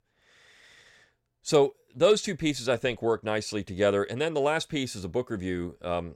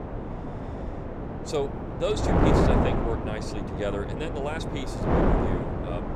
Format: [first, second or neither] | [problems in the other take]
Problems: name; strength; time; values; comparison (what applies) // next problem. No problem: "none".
first | wind noise on the microphone; heavy; 3 dB above the speech